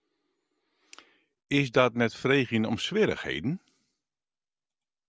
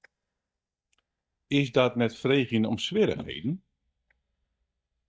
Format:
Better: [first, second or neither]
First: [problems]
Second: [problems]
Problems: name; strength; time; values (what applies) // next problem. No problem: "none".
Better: first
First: none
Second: noise reduction (neural mask model DeepFilterNet 3)